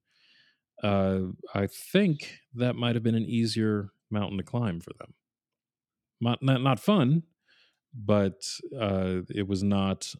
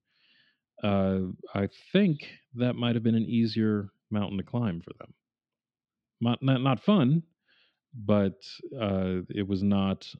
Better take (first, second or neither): first